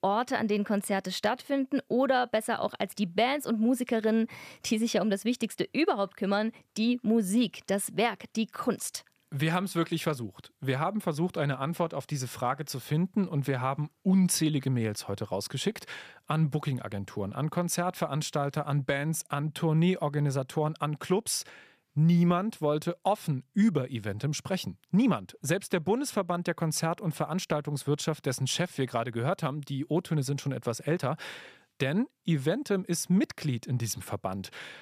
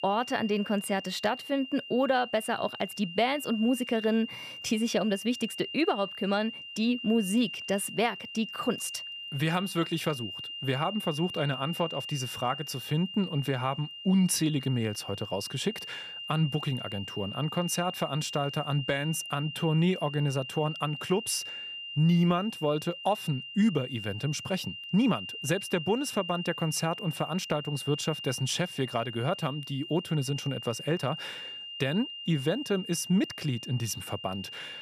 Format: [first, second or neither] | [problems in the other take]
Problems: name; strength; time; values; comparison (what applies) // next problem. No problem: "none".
first | high-pitched whine; loud; throughout; 3 kHz, 9 dB below the speech